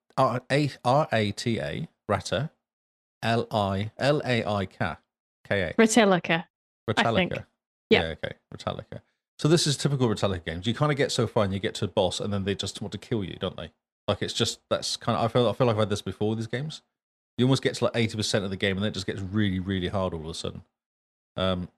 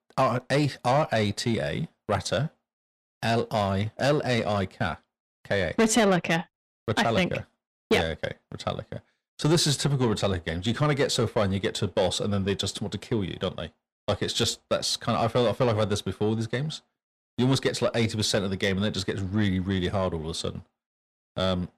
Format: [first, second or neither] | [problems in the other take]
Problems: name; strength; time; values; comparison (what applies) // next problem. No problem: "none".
first | distortion; slight; 10 dB below the speech